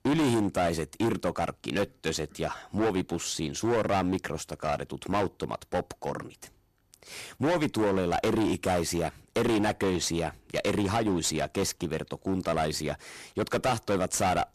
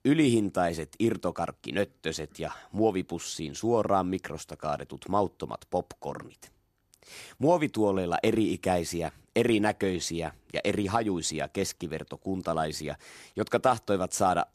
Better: second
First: distortion; heavy; 15% of the sound clipped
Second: none

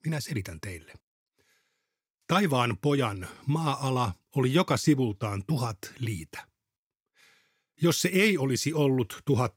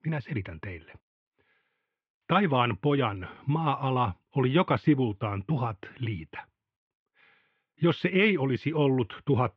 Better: first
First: none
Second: muffled; very; fading above 3 kHz

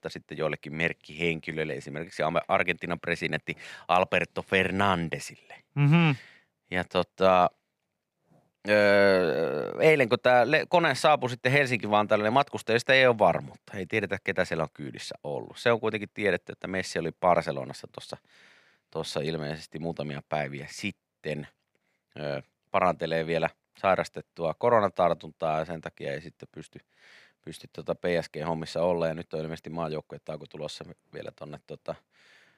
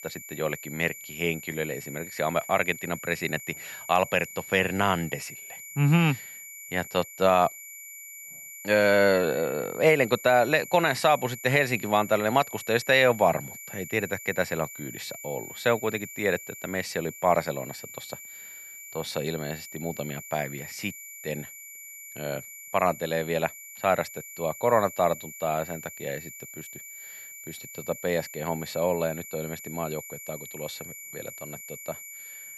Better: first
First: none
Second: high-pitched whine; noticeable; throughout; 2.5 kHz, 15 dB below the speech

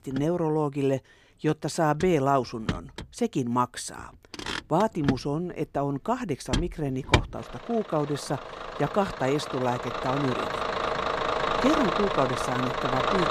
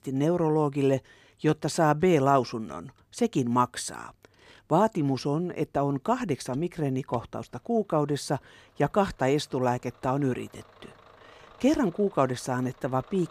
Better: second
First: traffic noise; loud; throughout; 2 dB below the speech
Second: traffic noise; faint; throughout; 30 dB below the speech

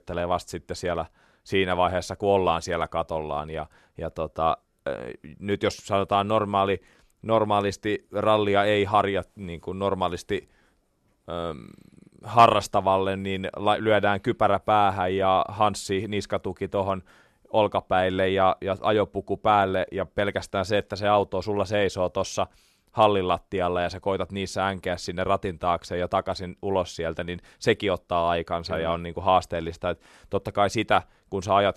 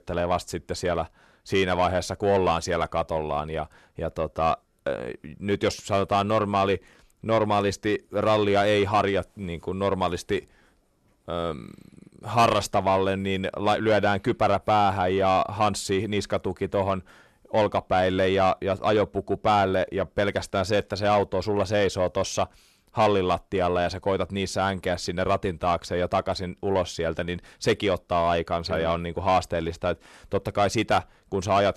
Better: first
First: none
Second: distortion; slight; 10 dB below the speech

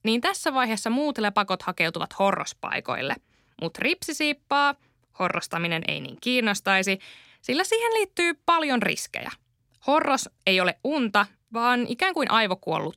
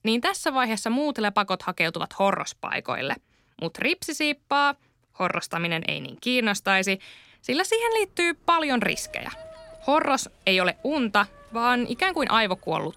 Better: first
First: none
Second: household noises; faint; throughout; 25 dB below the speech

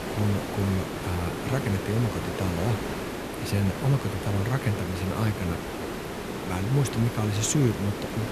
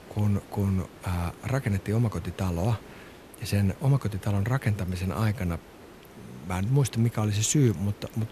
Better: second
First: hiss; loud; throughout; 5 dB below the speech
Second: hiss; faint; throughout; 20 dB below the speech

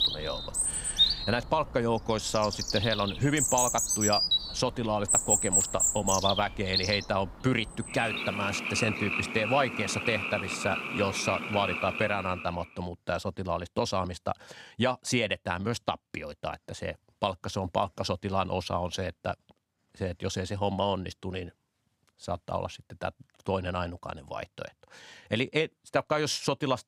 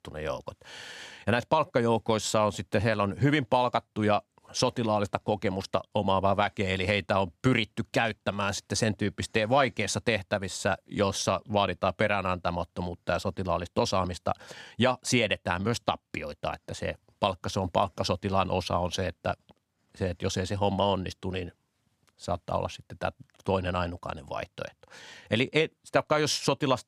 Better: second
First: animal sounds; very loud; until 12 s; 2 dB above the speech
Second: none

